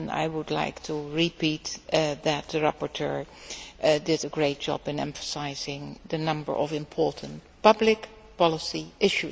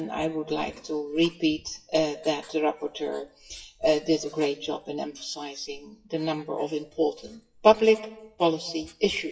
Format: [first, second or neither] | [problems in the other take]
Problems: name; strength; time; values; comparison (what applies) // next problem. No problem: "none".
first | noise reduction (classical method WPE with log-MMSE)